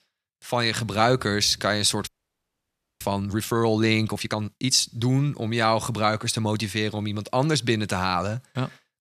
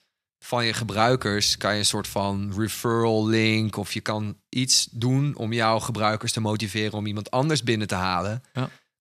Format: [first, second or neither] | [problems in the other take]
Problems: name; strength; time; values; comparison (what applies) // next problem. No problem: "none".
second | audio freezing; at 2 s for 1 s